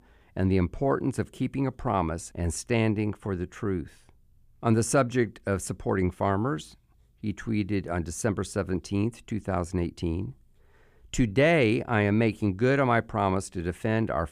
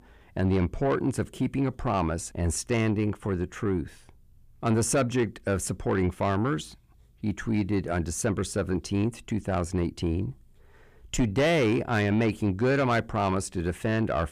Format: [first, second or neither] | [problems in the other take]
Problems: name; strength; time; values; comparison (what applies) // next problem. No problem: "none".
first | distortion; slight; 10 dB below the speech